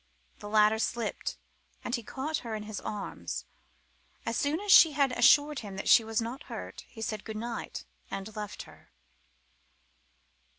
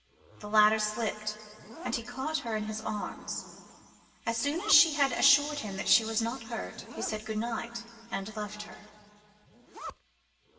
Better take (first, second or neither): first